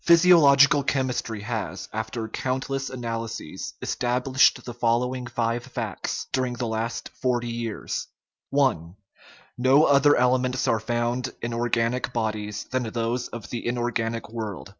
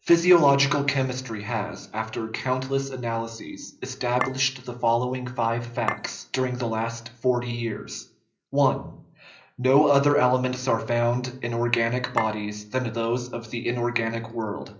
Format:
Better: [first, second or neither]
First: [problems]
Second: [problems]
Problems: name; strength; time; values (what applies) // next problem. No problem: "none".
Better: first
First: none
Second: background sound (Chink, clink); 7 dB below the speech // room echo; dies away in 0.5 s